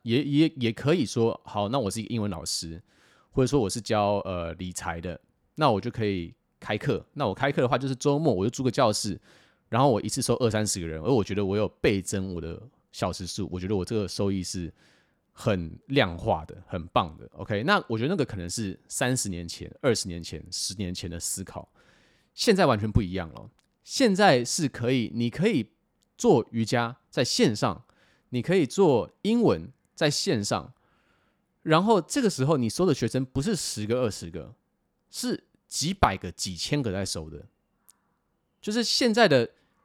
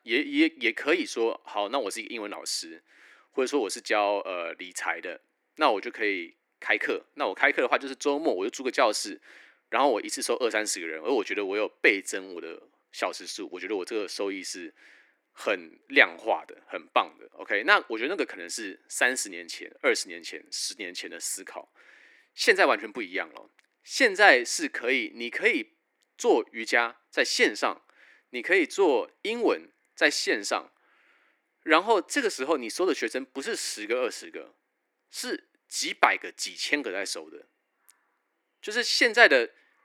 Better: first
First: none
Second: thin; somewhat; fading below 300 Hz

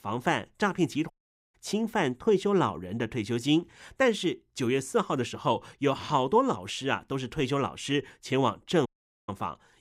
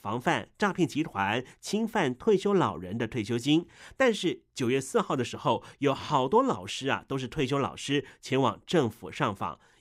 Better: second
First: audio cutting out; at 1 s and at 9 s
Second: none

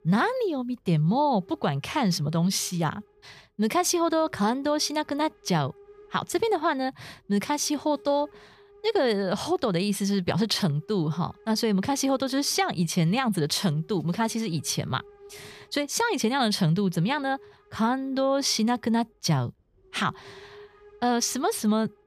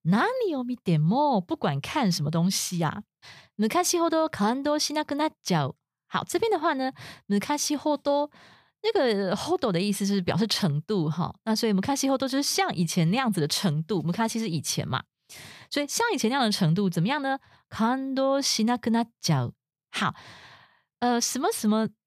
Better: second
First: hiss; faint; throughout; 25 dB below the speech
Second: none

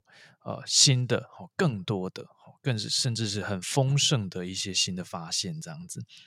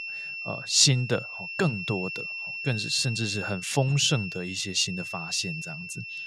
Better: first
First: none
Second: high-pitched whine; loud; throughout; 2.5 kHz, 8 dB below the speech

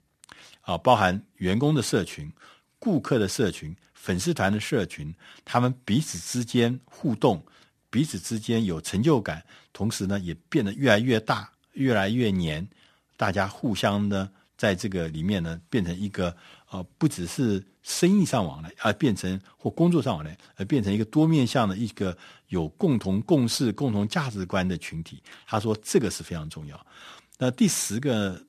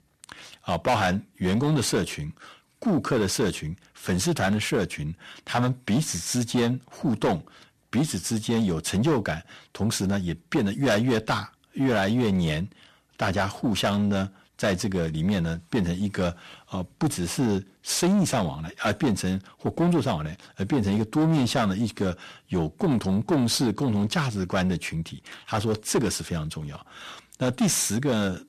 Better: first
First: none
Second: distortion; heavy; 8 dB below the speech

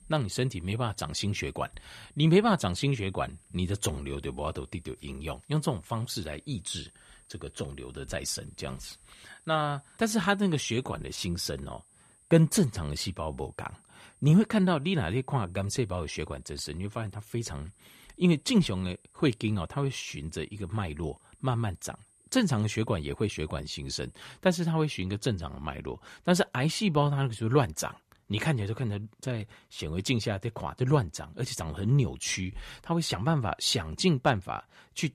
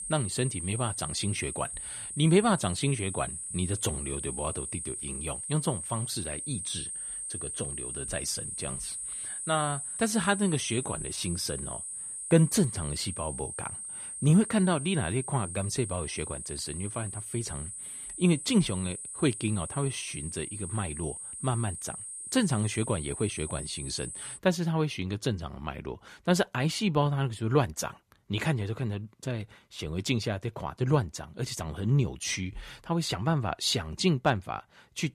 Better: first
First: high-pitched whine; faint; until 24 s; 8 kHz, 30 dB below the speech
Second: high-pitched whine; loud; until 24 s; 8 kHz, 6 dB below the speech

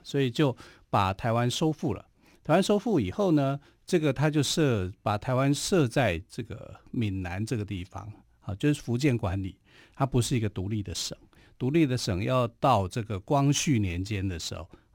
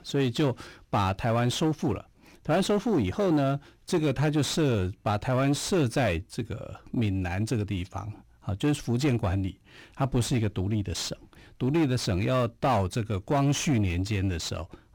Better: first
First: none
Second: distortion; slight; 10 dB below the speech

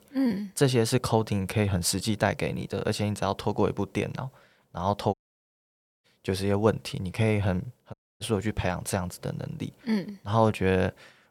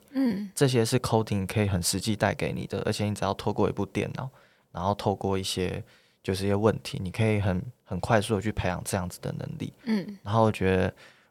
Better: second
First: audio cutting out; at 5 s for 1 s and at 8 s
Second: none

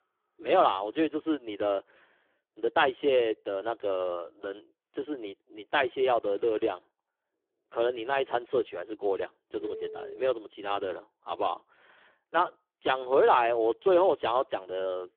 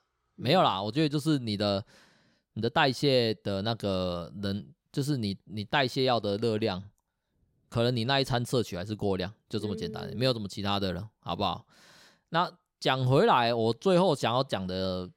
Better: second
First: phone-call audio; poor line; nothing above 3.5 kHz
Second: none

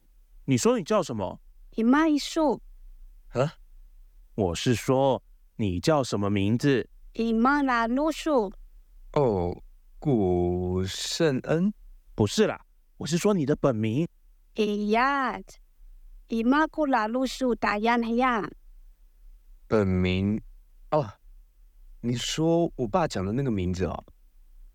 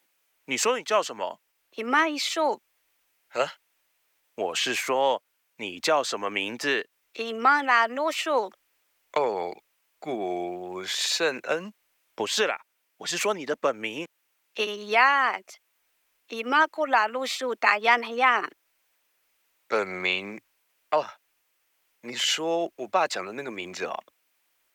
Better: first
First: none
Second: thin; very; fading below 600 Hz

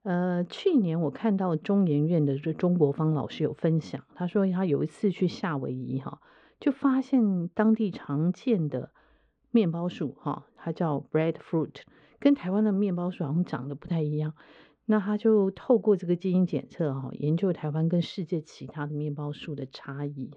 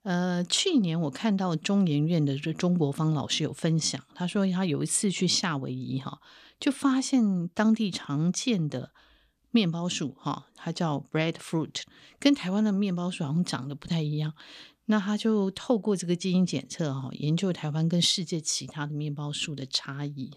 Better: second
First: muffled; very; fading above 1.5 kHz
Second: none

